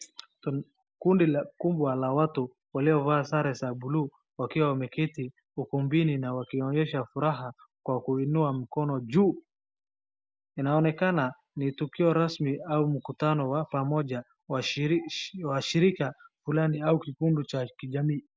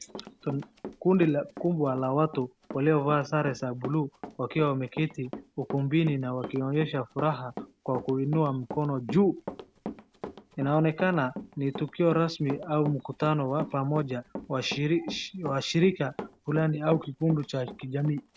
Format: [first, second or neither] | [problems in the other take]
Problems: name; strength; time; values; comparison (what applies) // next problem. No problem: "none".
first | background sound (Run); 14 dB below the speech